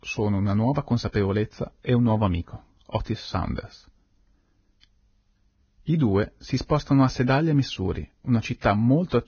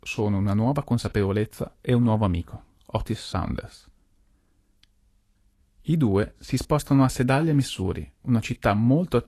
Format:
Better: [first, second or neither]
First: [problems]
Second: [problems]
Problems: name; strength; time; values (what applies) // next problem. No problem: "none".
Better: second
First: garbled, watery; badly; nothing above 6.5 kHz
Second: garbled, watery; slightly; nothing above 12.5 kHz